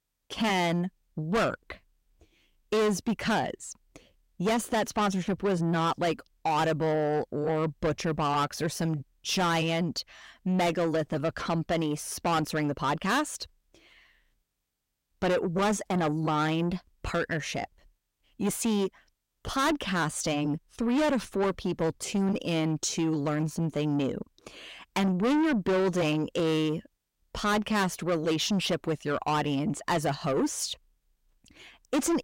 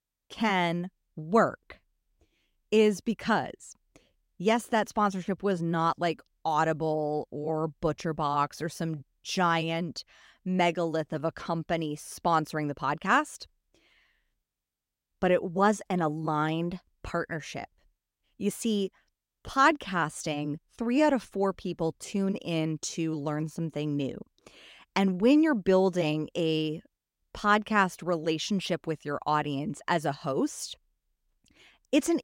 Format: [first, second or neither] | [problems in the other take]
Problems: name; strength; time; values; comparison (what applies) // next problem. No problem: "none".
second | distortion; heavy; 6 dB below the speech